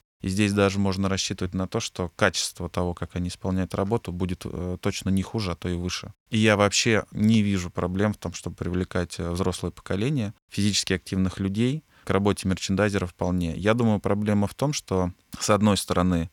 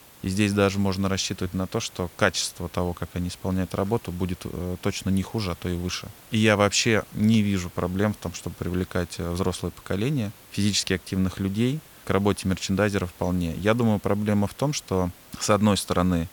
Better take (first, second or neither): first